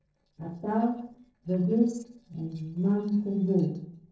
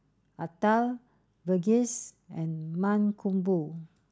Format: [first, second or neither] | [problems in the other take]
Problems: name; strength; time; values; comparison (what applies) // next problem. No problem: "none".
second | noise reduction (neural separator model SepFormer DNS4)